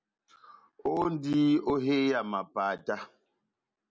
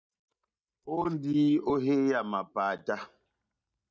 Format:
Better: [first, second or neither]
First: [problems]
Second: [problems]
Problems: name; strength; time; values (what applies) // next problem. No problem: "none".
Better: first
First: none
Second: noise reduction (neural mask model DeepFilterNet 3)